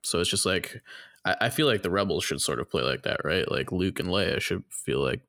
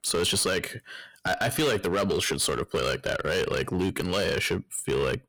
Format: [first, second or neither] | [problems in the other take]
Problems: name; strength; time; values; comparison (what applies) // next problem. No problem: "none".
first | distortion; heavy; 11% of the sound clipped